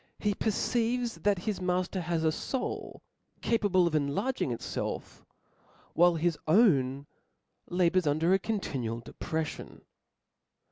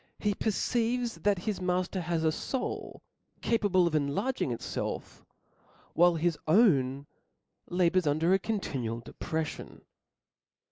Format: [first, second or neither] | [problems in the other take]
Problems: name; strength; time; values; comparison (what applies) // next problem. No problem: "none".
first | noise reduction (neural mask model Resemble Enhance denoiser)